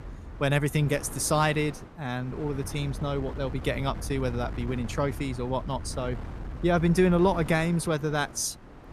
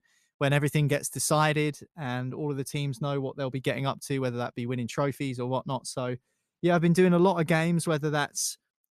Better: second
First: wind noise on the microphone; occasional gusts; 15 dB below the speech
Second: none

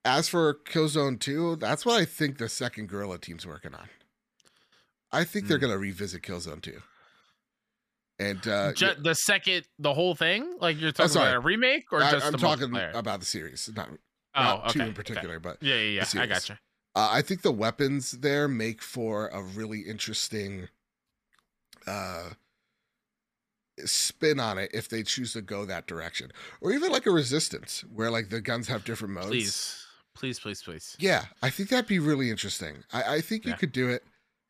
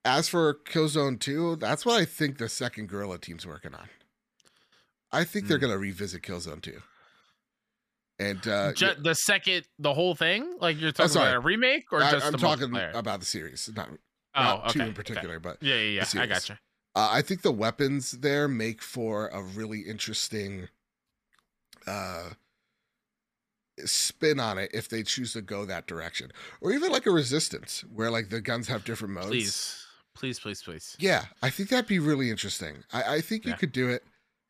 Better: neither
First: none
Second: none

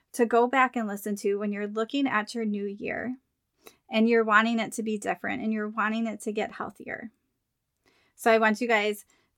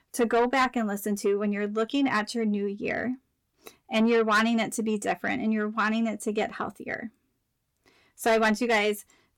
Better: first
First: none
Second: distortion; slight; 10 dB below the speech

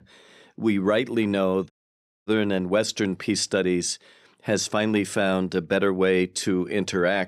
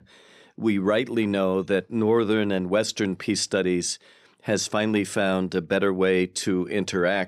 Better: second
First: audio cutting out; at 1.5 s for 0.5 s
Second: none

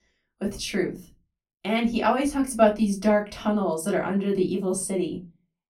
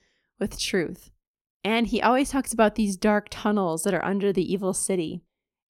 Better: second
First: off-mic speech; far // room echo; very slight; dies away in 0.2 s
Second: none

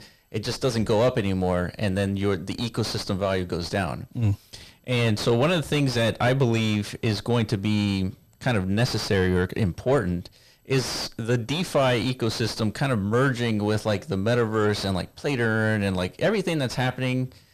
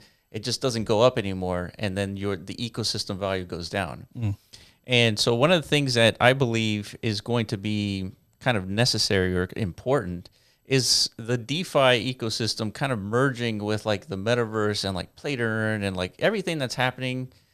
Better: second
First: distortion; heavy; 5 dB below the speech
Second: none

